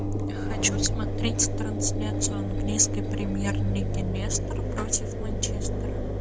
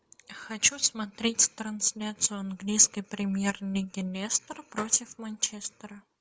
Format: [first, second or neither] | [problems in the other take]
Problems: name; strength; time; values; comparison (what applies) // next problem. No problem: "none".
second | background sound (Engine); 4 dB above the speech